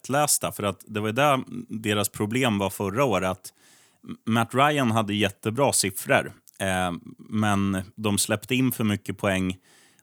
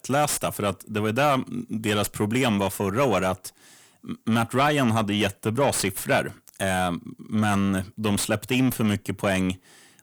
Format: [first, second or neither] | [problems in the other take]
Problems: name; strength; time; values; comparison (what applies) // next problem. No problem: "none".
first | distortion; slight; 10 dB below the speech